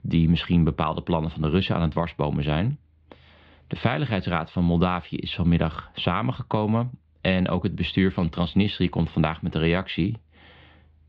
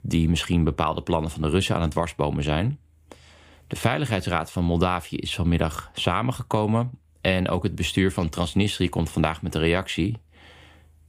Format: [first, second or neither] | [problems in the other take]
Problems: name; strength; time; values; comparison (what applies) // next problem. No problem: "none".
second | muffled; very slightly; fading above 4 kHz